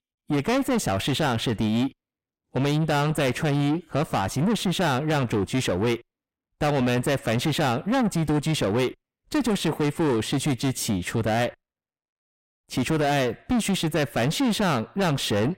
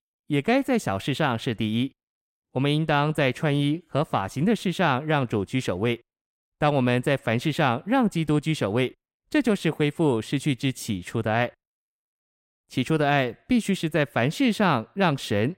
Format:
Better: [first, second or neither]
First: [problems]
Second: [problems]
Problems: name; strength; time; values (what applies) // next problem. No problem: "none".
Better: second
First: distortion; heavy; 6 dB below the speech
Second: none